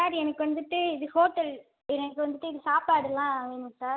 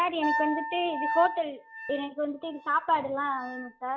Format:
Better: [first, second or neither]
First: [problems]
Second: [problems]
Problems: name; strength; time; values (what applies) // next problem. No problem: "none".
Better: first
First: none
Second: noise reduction (classical method log-MMSE)